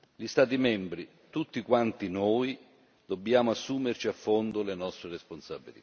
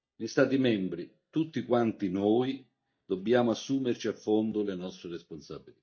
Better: first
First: none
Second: noise reduction (neural mask model DeepFilterNet 3)

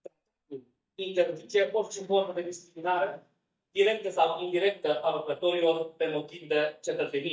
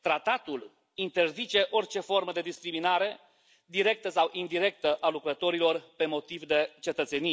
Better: second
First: noise reduction (neural mask model DeepFilterNet 3)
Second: none

